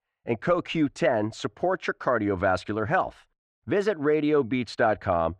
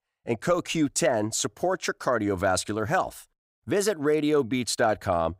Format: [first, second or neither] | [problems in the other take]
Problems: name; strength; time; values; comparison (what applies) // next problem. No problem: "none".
second | muffled; slightly; fading above 2.5 kHz